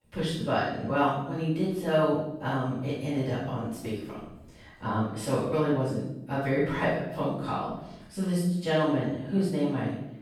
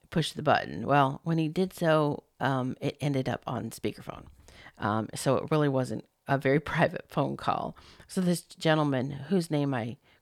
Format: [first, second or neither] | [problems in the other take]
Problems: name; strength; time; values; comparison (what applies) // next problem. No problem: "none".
second | off-mic speech; far // room echo; strong; dies away in 0.8 s